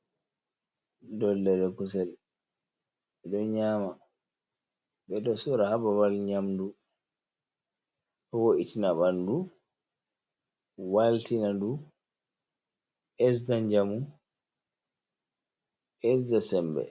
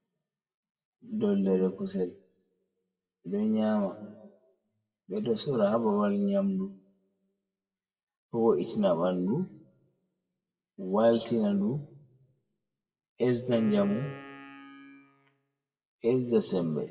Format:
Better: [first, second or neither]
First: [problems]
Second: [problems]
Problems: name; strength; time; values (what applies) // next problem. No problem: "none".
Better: first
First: none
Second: noise reduction (classical method WPE with log-MMSE)